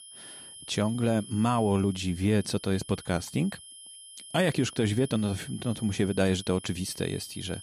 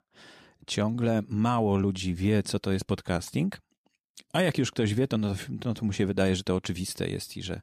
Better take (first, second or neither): second